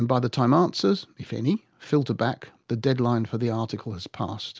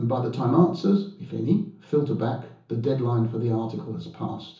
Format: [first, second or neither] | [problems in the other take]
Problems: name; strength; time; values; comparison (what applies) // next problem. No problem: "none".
first | room echo; dies away in 0.7 s